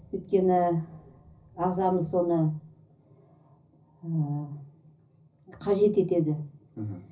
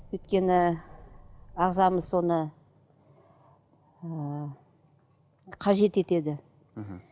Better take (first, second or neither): second